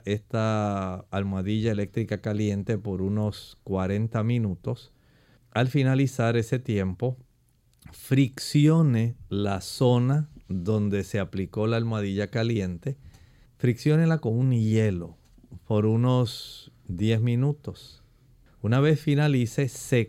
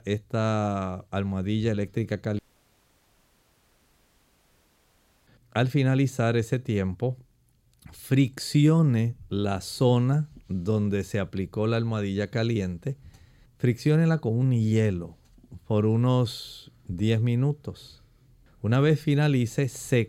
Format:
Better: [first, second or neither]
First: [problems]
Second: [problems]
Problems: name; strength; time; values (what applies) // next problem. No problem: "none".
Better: first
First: none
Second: audio cutting out; at 2.5 s for 3 s